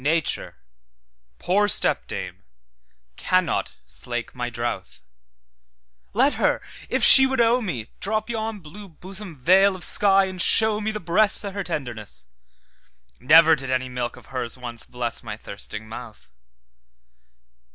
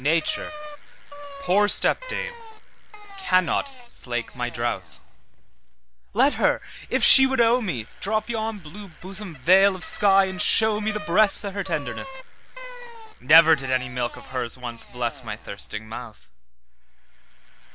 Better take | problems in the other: first | background sound (Bicycle); 17 dB below the speech

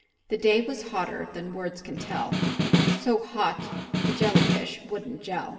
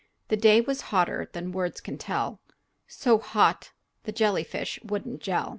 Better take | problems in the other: second | background sound (Snare drum); 4 dB above the speech // room echo; dies away in 2.3 s

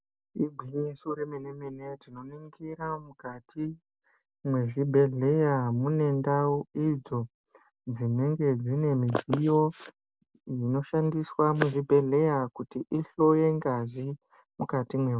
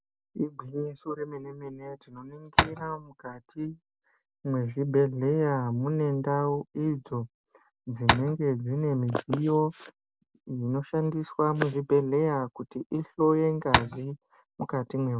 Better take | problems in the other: first | background sound (Tap); 2 dB above the speech

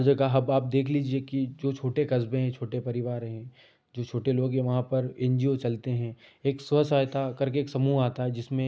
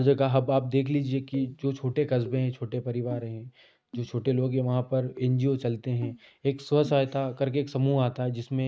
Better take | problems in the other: first | noise reduction (neural mask model RNNoise)

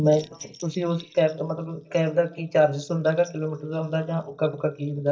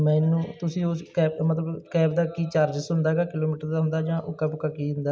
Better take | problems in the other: second | noise reduction (neural mask model DeepFilterNet 3)

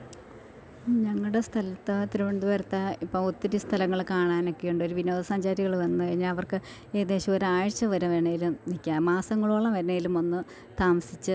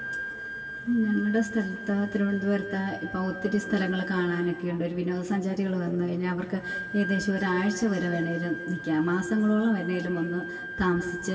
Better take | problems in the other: first | background sound (Wind instrument, woodwind instrument); 11 dB below the speech // room echo; dies away in 1.9 s

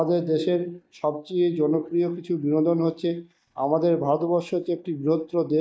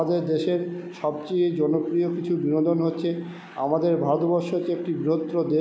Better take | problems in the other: second | noise reduction (neural mask model DeepFilterNet 3)

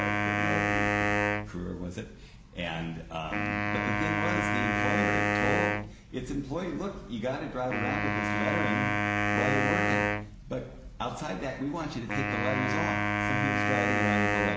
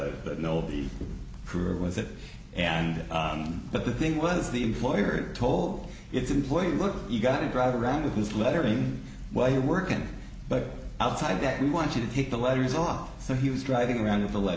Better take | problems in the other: second | background sound (Wind instrument, woodwind instrument); 4 dB above the speech

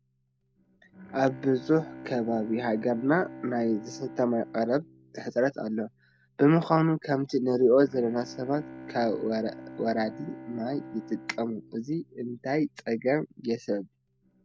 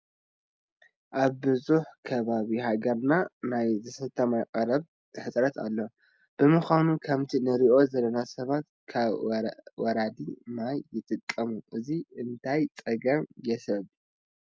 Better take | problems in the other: second | background sound (Bowed string instrument); 18 dB below the speech

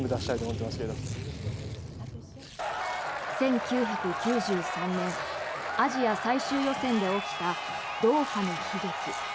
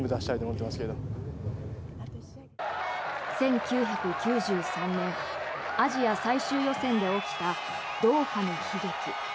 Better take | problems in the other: second | background sound (Tearing); 20 dB below the speech

